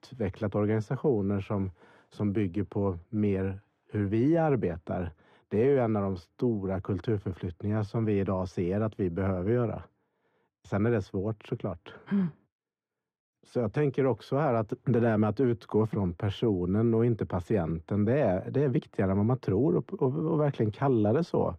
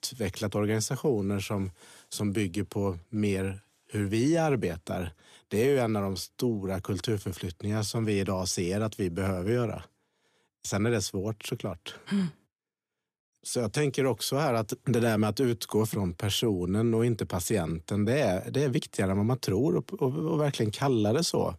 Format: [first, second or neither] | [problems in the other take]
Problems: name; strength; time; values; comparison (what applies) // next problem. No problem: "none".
second | muffled; very; fading above 3.5 kHz